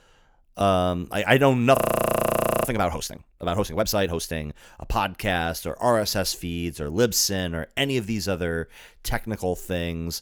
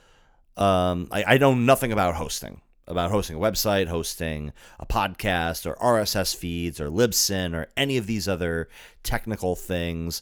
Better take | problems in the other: second | audio freezing; at 2 s for 1 s

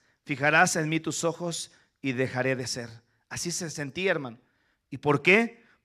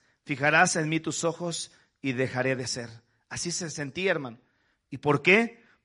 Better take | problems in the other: first | garbled, watery; slightly; nothing above 10.5 kHz

